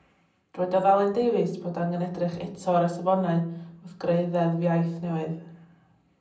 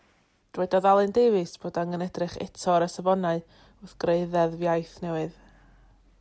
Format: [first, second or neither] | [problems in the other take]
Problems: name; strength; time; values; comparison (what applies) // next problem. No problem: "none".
second | room echo; dies away in 0.6 s